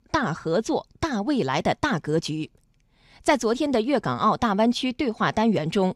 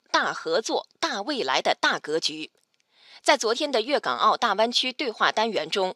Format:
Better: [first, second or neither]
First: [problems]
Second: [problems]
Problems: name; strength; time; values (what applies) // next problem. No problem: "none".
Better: first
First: none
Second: thin; somewhat; fading below 500 Hz